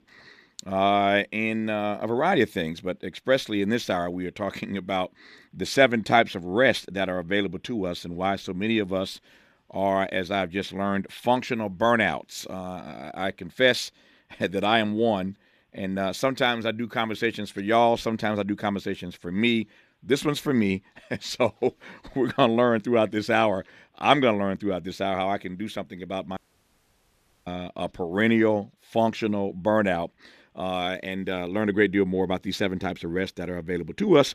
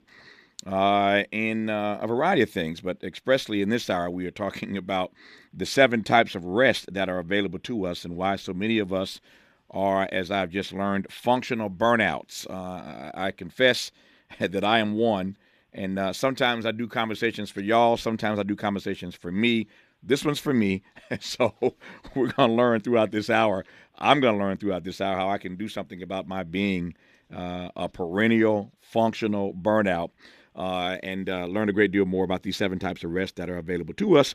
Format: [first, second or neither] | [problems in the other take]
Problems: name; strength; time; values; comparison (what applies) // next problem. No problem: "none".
second | audio cutting out; at 26 s for 1 s